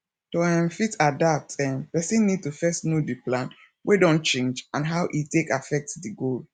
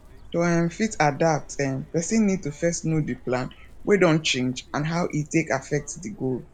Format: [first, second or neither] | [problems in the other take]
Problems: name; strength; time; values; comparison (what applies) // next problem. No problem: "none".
first | background sound (Chirp, tweet); 19 dB below the speech